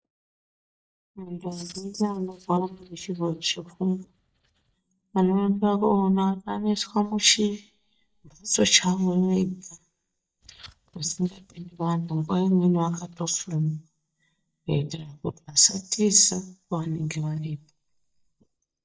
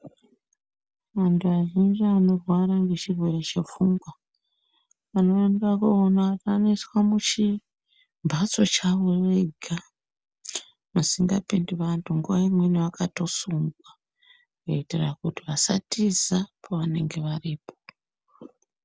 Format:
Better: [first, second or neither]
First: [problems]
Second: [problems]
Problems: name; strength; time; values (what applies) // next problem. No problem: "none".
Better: second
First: noise reduction (neural mask model DeepFilterNet 3)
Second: none